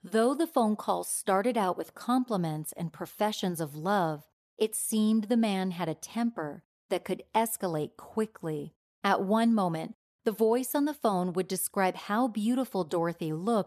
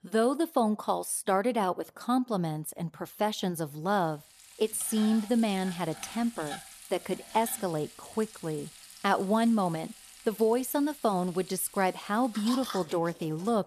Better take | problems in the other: first | household noises; noticeable; from 4.5 s on; 15 dB below the speech

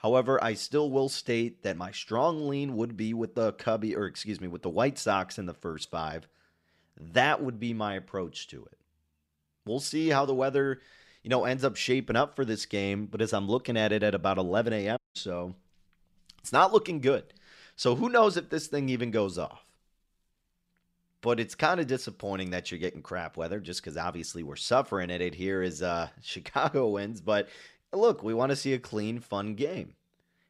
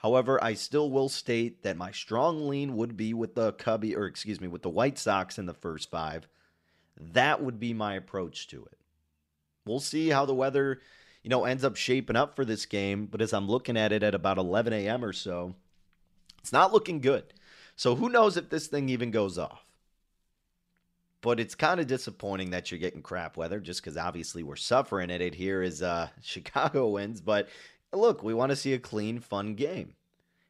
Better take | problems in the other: second | audio cutting out; at 15 s

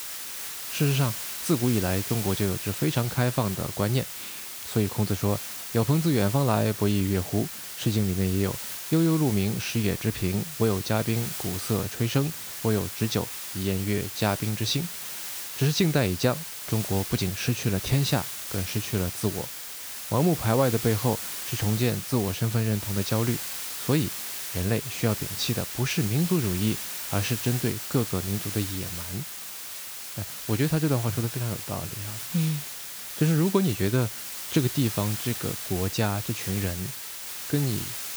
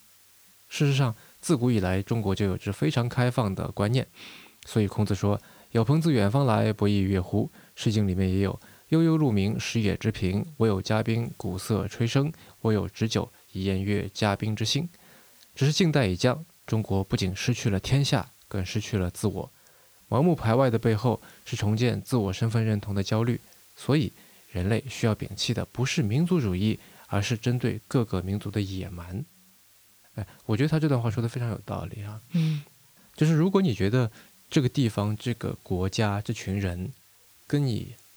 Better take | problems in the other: second | hiss; loud; throughout; 6 dB below the speech; faint in the second

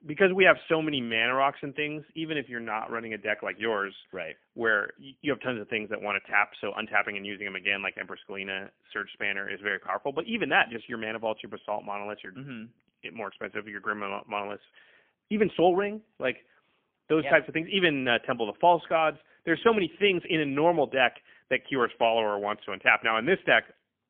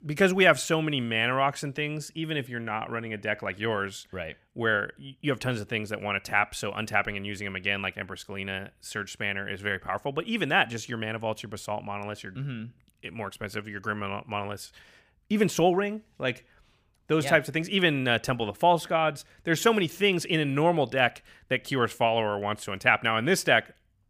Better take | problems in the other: second | phone-call audio; poor line; nothing above 3.5 kHz

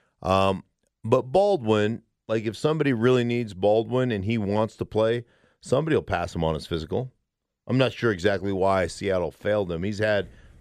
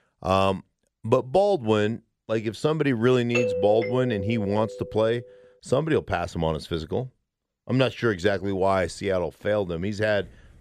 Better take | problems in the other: first | doorbell; noticeable; from 3.5 to 5 s; peak 1 dB below the speech

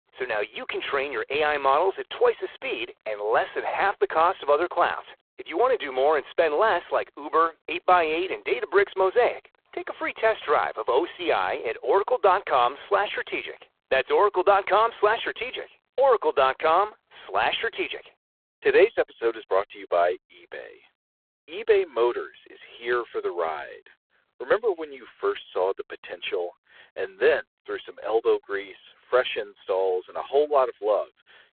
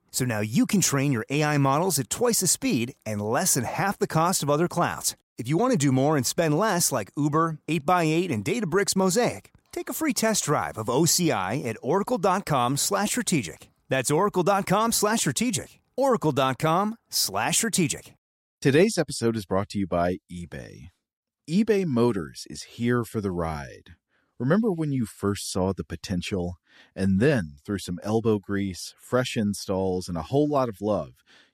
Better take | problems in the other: second | phone-call audio; poor line

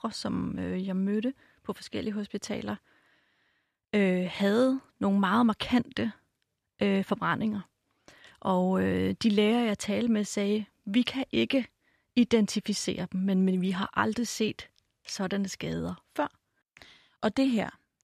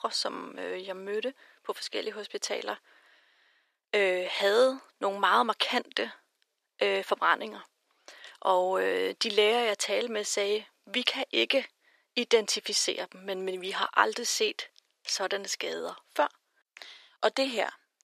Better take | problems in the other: first | thin; very; fading below 400 Hz

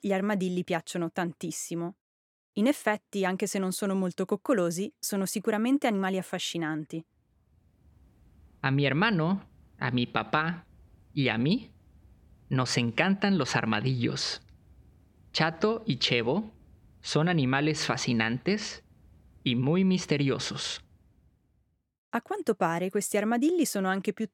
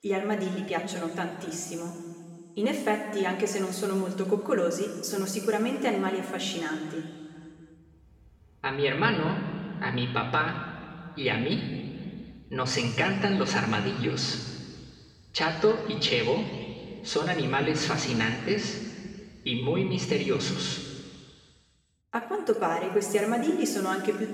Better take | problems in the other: first | room echo; noticeable; dies away in 1.9 s // off-mic speech; far

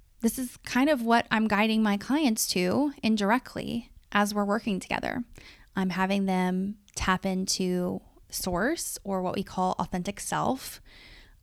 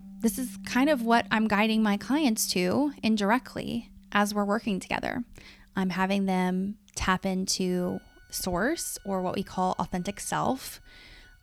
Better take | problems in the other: first | background music; faint; throughout; 20 dB below the speech

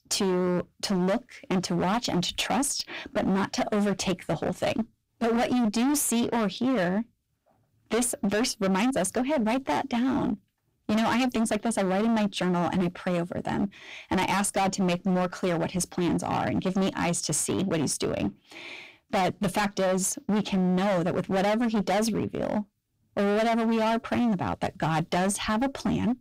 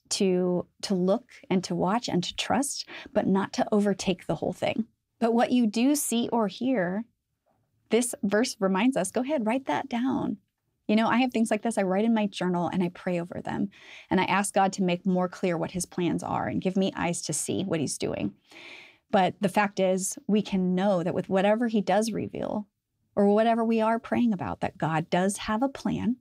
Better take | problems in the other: second | distortion; heavy; 23% of the sound clipped

